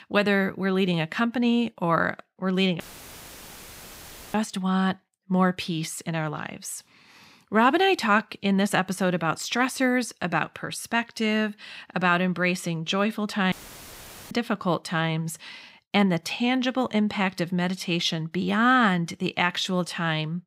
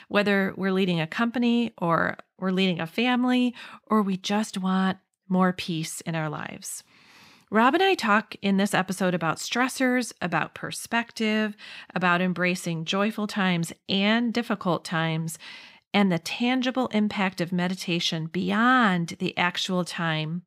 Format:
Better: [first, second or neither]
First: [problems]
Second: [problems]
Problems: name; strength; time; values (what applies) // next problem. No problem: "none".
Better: second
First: audio cutting out; filled with static; at 3 s for 1.5 s and at 14 s for 1 s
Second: none